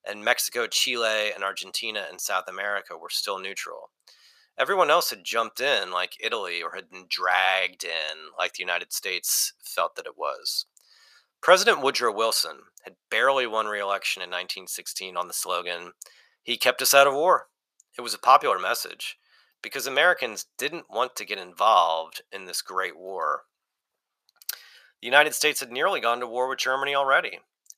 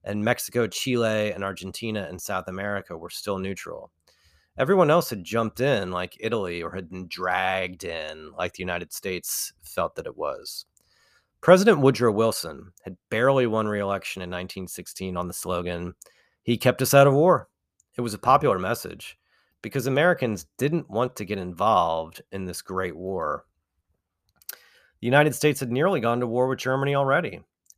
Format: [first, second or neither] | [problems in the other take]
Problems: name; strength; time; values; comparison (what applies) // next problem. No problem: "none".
second | thin; very; fading below 750 Hz